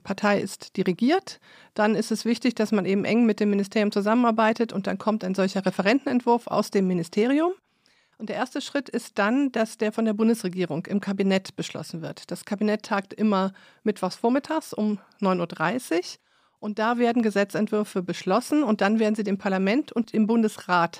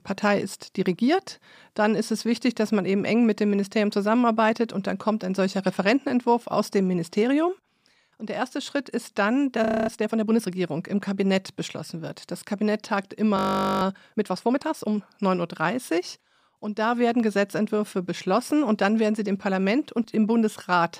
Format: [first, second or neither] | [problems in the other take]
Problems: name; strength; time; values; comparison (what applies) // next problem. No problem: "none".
first | audio freezing; at 9.5 s and at 13 s